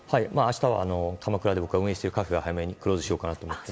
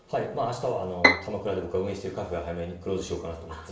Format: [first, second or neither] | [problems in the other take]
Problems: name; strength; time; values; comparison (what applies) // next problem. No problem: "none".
first | background sound (Bowed string instrument); 5 dB above the speech // room echo; dies away in 0.6 s